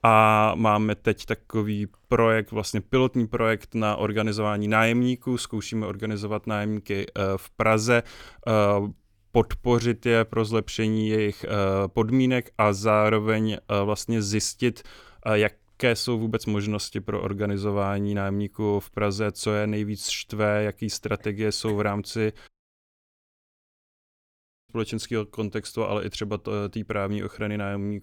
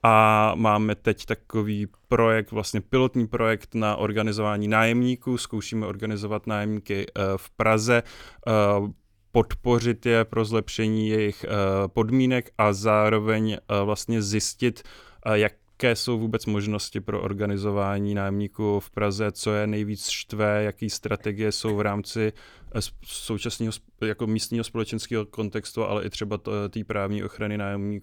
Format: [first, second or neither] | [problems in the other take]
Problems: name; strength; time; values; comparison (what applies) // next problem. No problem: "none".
second | audio cutting out; at 22 s for 2 s